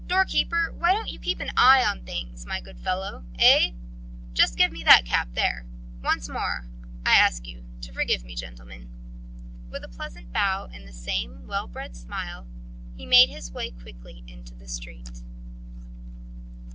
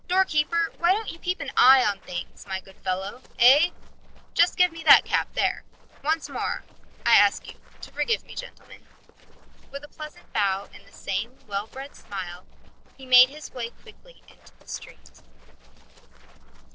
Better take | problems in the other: first | noise reduction (neural separator model SepFormer DNS4)

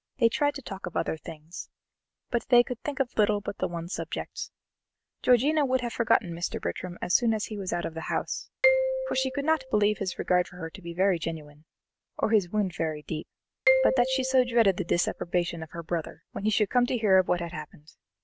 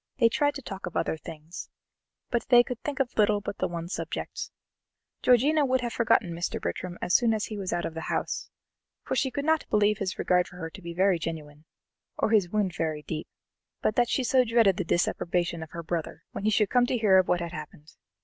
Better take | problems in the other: second | background sound (Marimba, xylophone); 5 dB below the speech

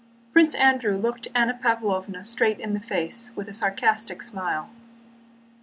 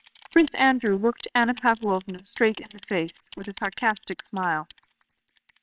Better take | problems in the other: first | noise reduction (neural separator model SepFormer WHAMR!)

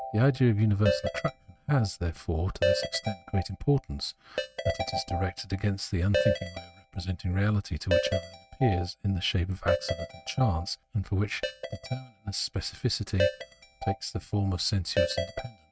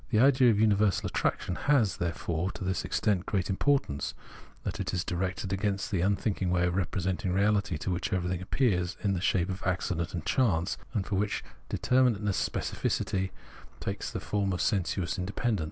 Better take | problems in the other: second | noise reduction (neural mask model RNNoise)

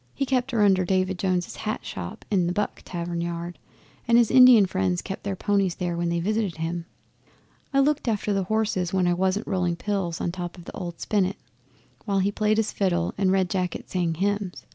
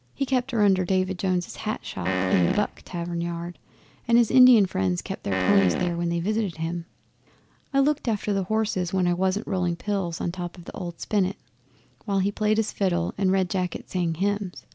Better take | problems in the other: first | background sound (Fart); 2 dB below the speech

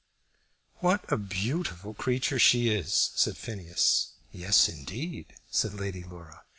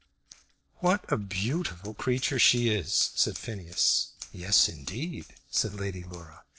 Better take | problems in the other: first | noise reduction (neural separator model SepFormer DNS4)

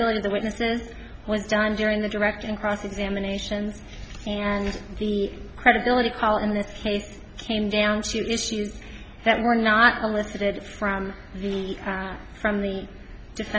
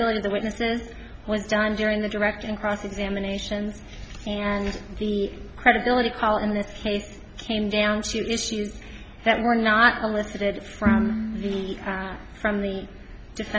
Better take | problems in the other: first | background sound (Bowed string instrument); 3 dB below the speech

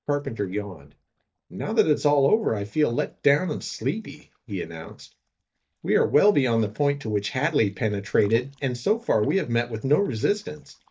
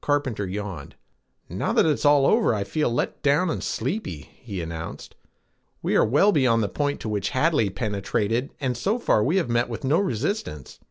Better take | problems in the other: second | noise reduction (neural mask model DeepFilterNet 3)

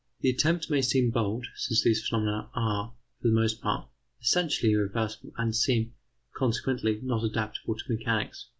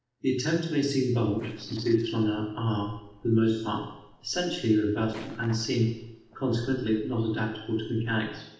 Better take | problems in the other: first | noise reduction (neural separator model SepFormer DNS4)

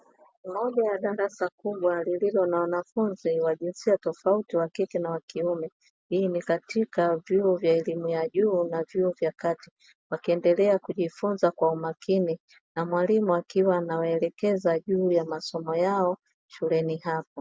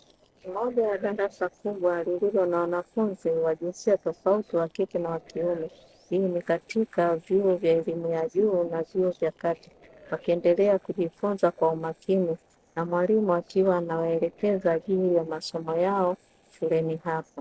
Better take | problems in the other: first | noise reduction (neural separator model SepFormer DNS4)

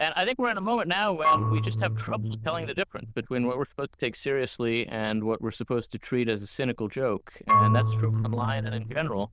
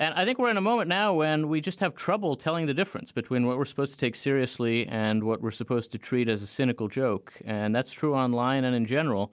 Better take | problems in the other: second | noise reduction (neural diffusion model UNIVERSE++)

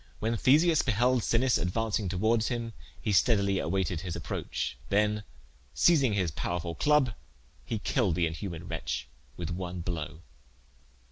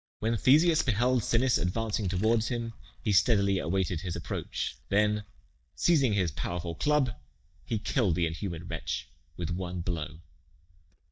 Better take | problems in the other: first | noise reduction (neural mask model DeepFilterNet 3)

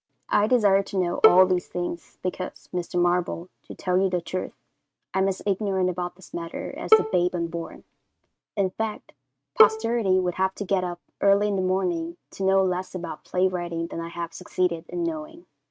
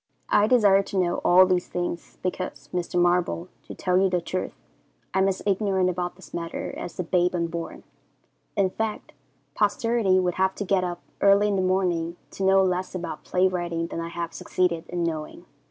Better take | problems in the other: second | noise reduction (neural mask model RNNoise)

